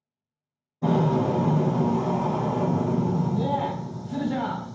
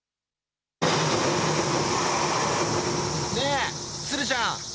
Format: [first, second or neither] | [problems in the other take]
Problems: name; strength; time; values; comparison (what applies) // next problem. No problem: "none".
second | room echo; dies away in 0.9 s